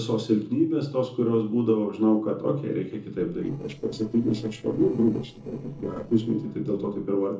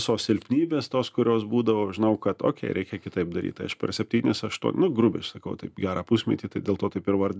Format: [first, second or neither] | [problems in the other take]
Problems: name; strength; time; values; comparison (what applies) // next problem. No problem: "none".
second | noise reduction (neural separator model SepFormer DNS4)